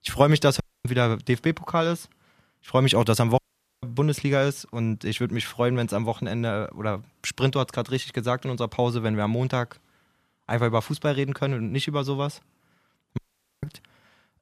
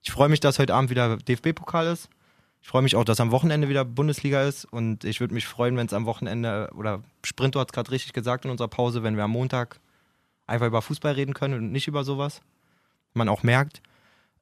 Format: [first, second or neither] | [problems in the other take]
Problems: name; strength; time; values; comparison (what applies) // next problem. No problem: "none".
second | audio cutting out; at 0.5 s, at 3.5 s and at 13 s